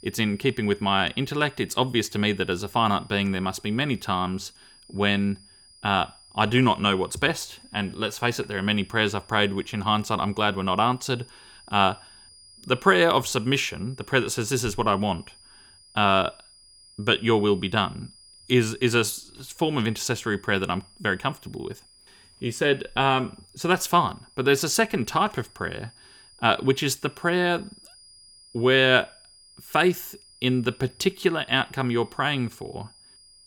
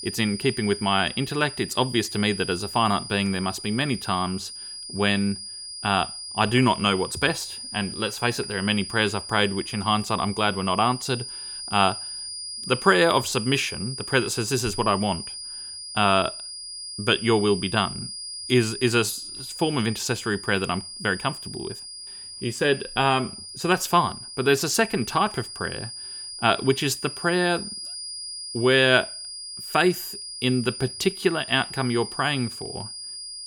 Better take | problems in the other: first | high-pitched whine; loud; throughout; 5 kHz, 10 dB below the speech; faint in the first

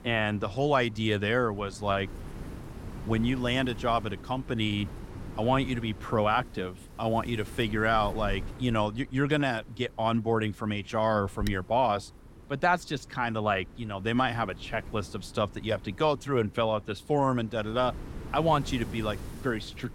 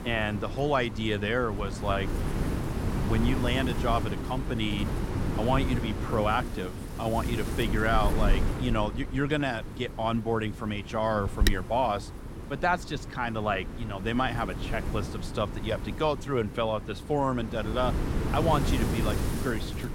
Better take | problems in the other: first | wind noise on the microphone; heavy; 9 dB below the speech; occasional gusts in the first

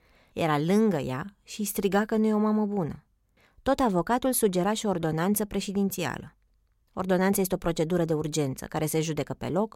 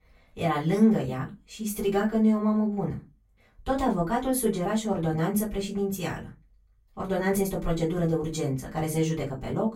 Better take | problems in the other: first | off-mic speech; far // room echo; very slight; dies away in 0.2 s

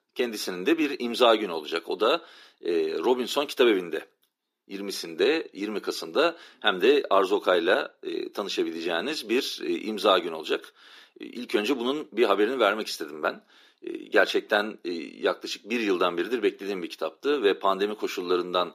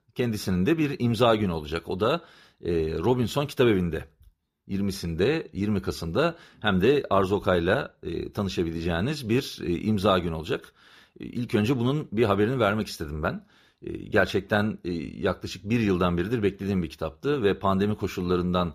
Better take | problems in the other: second | thin; somewhat; fading below 300 Hz

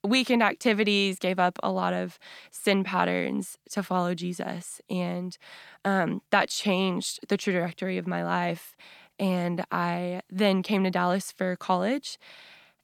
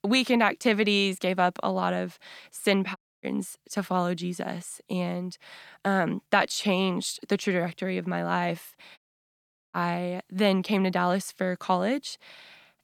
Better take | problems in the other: first | audio cutting out; at 3 s and at 9 s for 1 s

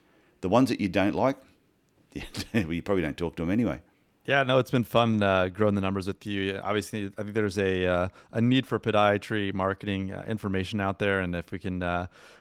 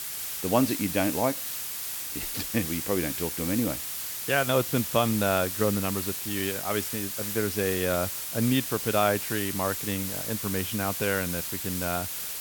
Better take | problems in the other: first | hiss; loud; throughout; 2 dB below the speech

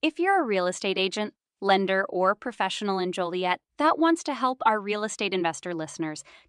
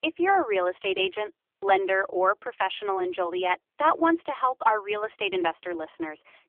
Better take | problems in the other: first | phone-call audio; poor line; nothing above 3.5 kHz

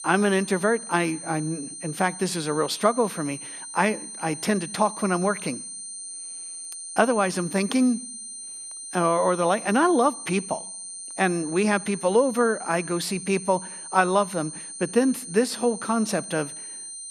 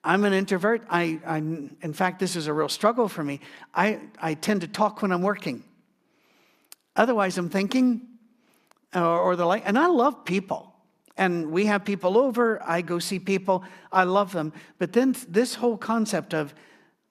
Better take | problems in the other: second | high-pitched whine; noticeable; throughout; 9 kHz, 10 dB below the speech

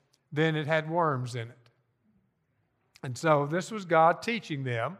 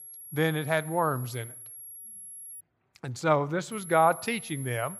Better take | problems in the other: first | high-pitched whine; noticeable; until 2.5 s and from 3.5 s on; 11 kHz, 15 dB below the speech

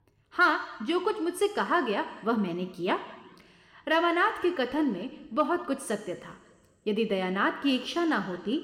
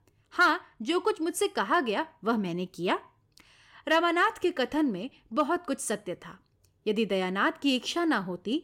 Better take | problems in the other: second | room echo; very slight; dies away in 1.3 s

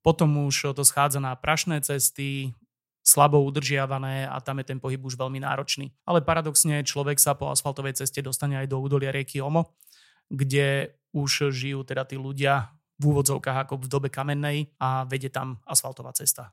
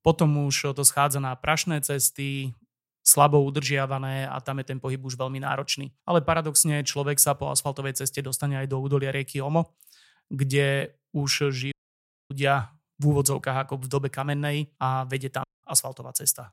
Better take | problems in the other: first | audio cutting out; at 12 s for 0.5 s and at 15 s

